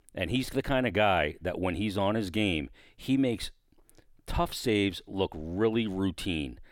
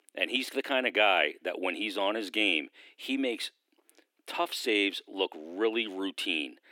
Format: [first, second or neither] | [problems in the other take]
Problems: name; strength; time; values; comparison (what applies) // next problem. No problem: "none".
first | thin; very slightly; fading below 300 Hz